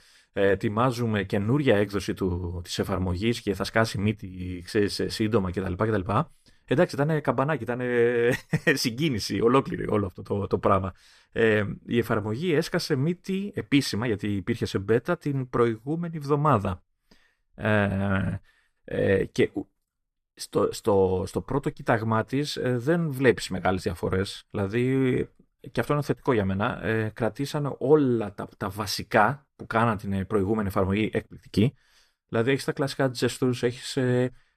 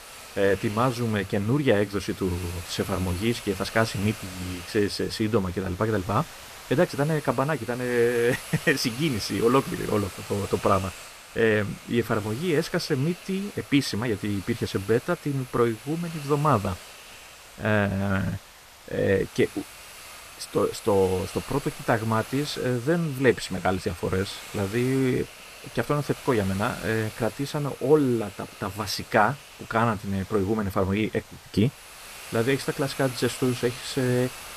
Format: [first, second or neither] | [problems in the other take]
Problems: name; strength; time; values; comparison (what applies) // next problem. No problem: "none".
first | hiss; noticeable; throughout; 15 dB below the speech